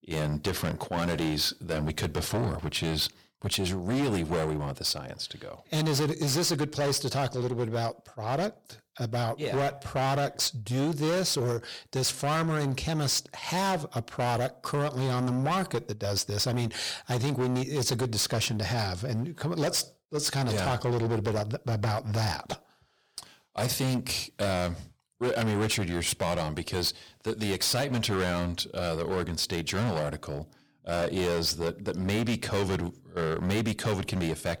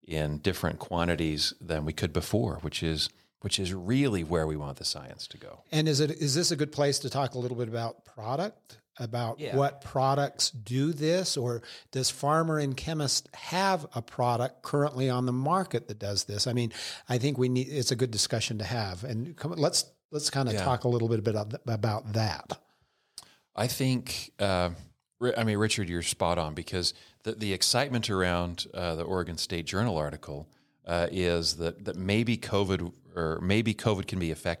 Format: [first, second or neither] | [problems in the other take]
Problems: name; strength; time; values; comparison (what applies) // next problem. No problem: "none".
second | distortion; heavy; 18% of the sound clipped